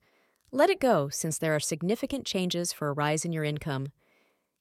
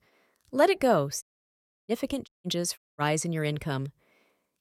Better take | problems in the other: first | audio cutting out; at 1 s for 0.5 s, at 2.5 s and at 3 s

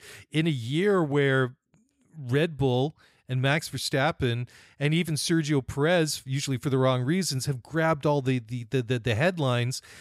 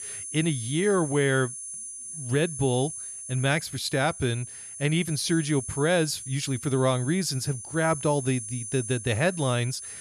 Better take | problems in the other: first | high-pitched whine; loud; throughout; 10 kHz, 9 dB below the speech

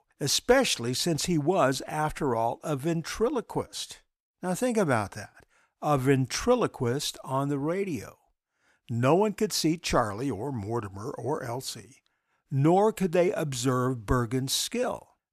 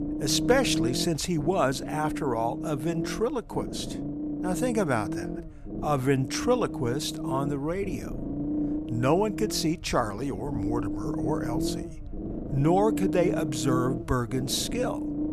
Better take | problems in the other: first | low rumble; loud; throughout; 8 dB below the speech

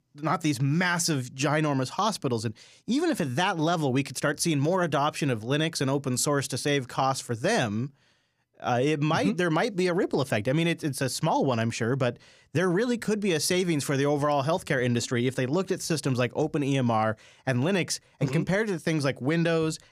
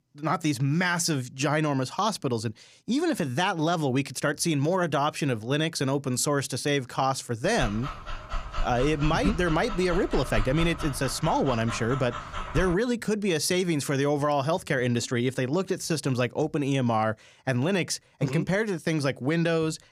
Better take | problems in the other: first | dog barking; noticeable; from 7.5 to 13 s; peak 7 dB below the speech

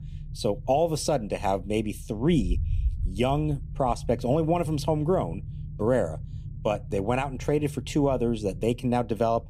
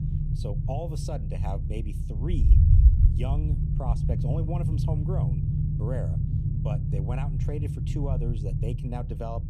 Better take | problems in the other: first | low rumble; loud; throughout; 1 dB below the speech; faint in the first

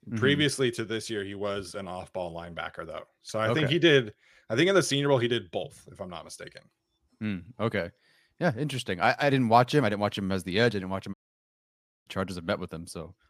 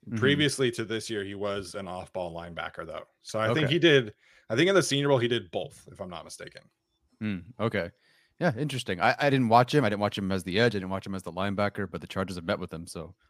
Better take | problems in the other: second | audio cutting out; at 11 s for 1 s

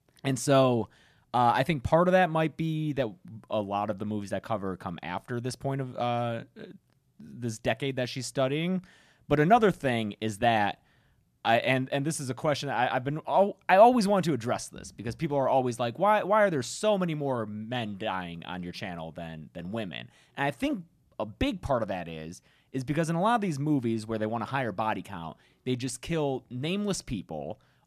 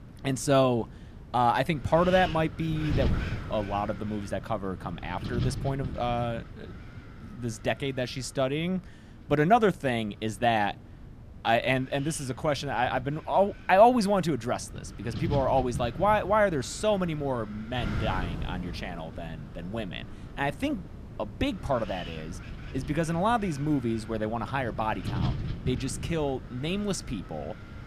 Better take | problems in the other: first | wind noise on the microphone; occasional gusts; 15 dB below the speech

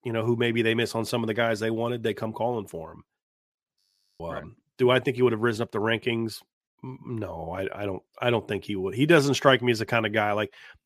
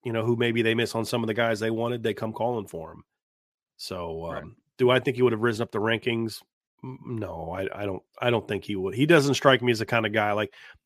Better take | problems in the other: second | audio freezing; at 4 s

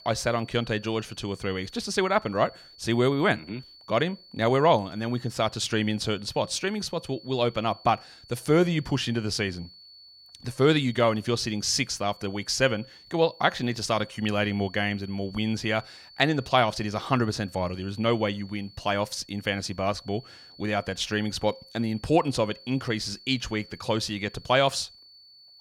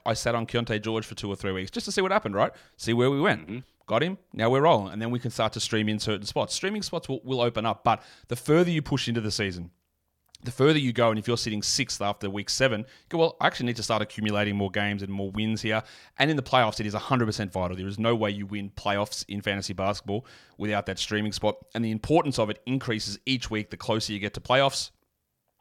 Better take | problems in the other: second | high-pitched whine; faint; throughout; 4.5 kHz, 20 dB below the speech

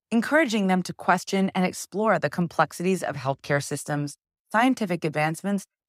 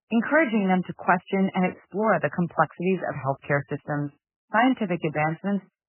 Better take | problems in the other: first | garbled, watery; badly; nothing above 3 kHz

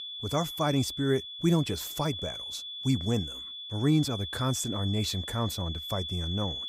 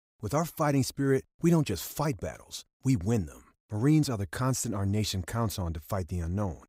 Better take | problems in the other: second | high-pitched whine; loud; throughout; 3.5 kHz, 6 dB below the speech

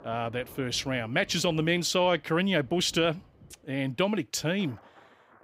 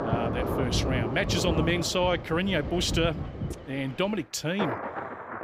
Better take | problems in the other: first | rain or running water; loud; throughout; 3 dB below the speech; faint in the first

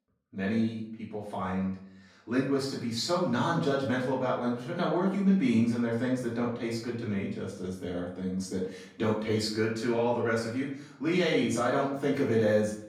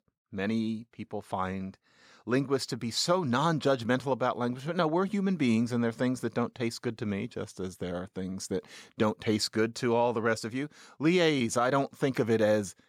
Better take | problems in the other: second | off-mic speech; far // room echo; noticeable; dies away in 0.5 s

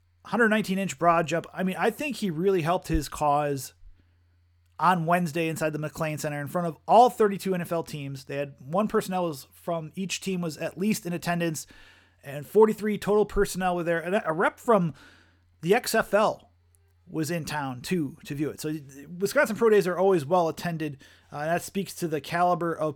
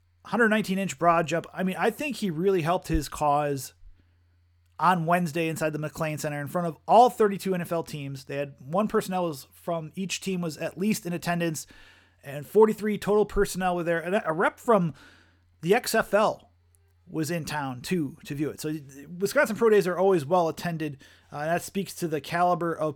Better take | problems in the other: neither | none

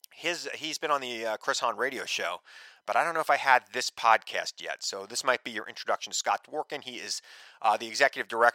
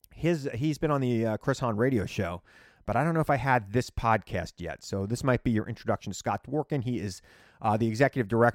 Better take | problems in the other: second | thin; very; fading below 800 Hz

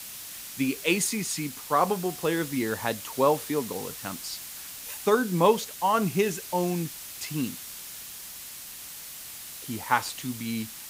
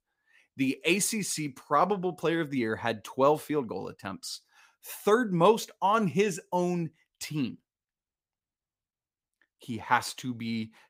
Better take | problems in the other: second | hiss; noticeable; throughout; 10 dB below the speech

